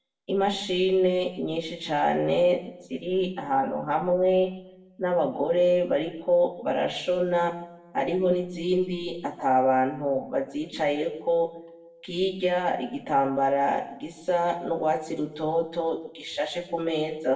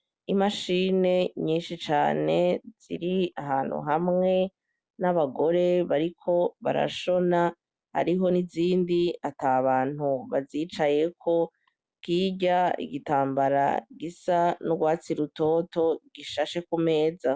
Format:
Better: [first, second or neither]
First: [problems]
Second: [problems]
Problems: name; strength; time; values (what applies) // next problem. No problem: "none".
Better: second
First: room echo; dies away in 0.6 s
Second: none